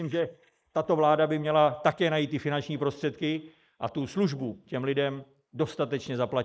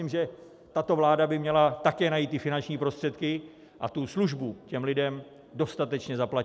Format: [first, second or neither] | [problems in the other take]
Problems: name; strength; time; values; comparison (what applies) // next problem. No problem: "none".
second | noise reduction (neural mask model Resemble Enhance denoiser)